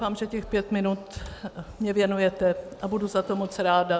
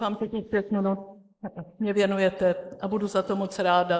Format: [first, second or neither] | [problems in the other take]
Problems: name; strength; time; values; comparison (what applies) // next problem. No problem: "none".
first | noise reduction (neural mask model Resemble Enhance denoiser)